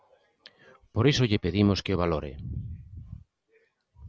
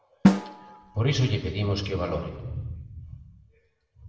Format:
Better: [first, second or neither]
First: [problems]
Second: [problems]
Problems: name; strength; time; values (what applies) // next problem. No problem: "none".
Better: first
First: none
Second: background sound (Drum); as loud as the speech // room echo; dies away in 1.1 s